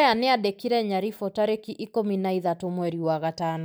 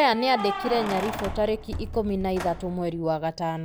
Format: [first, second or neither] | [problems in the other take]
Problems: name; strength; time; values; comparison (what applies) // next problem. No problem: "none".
first | background sound (Keys jangling); 8 dB below the speech